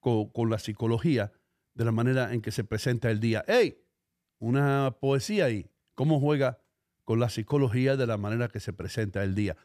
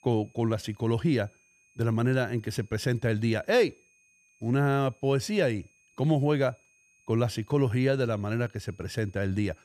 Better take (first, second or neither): first